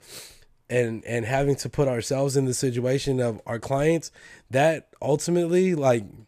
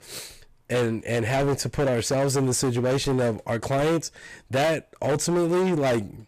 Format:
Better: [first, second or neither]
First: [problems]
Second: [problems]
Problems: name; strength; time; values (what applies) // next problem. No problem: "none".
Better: first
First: none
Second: distortion; heavy; 21% of the sound clipped